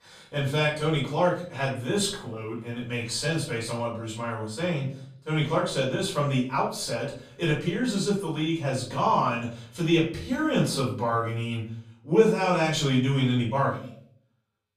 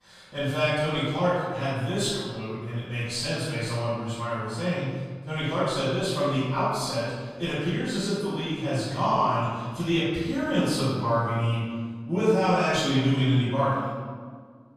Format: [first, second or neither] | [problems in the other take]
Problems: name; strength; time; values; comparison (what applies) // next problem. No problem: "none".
first | room echo; strong; dies away in 1.5 s; slight in the first // off-mic speech; far; far in the first